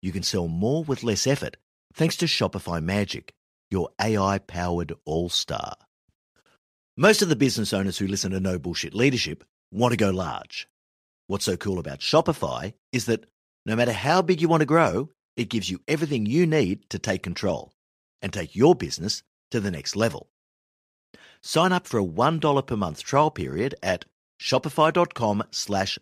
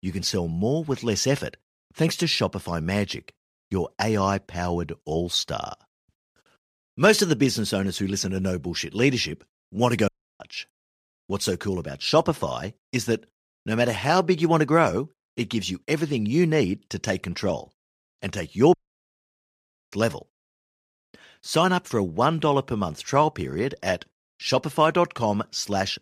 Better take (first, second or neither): first